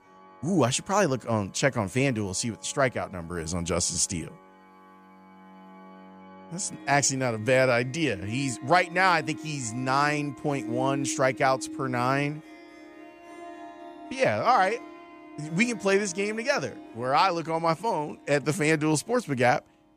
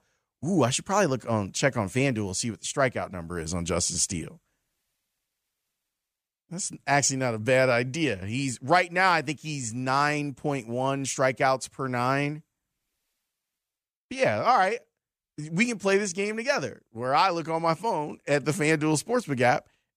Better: second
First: background music; noticeable; throughout; 15 dB below the speech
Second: none

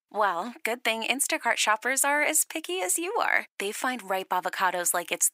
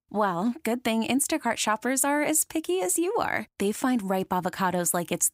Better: second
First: thin; somewhat; fading below 500 Hz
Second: none

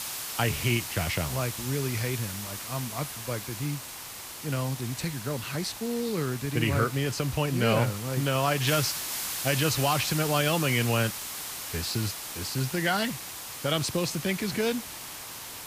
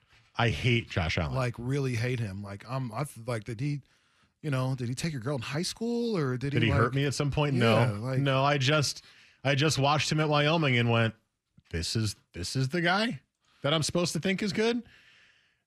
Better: second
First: hiss; loud; throughout; 6 dB below the speech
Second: none

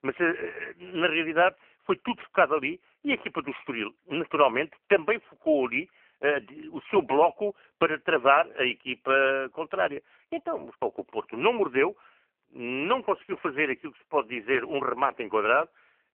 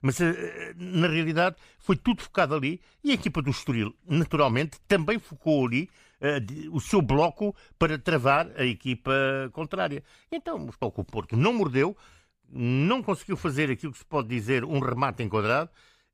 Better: second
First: phone-call audio; poor line; nothing above 3 kHz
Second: none

